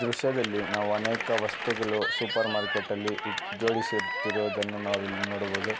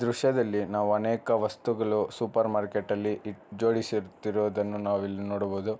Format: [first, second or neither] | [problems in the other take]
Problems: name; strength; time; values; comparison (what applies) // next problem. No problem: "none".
second | background sound (Cheering / Clapping); 3 dB below the speech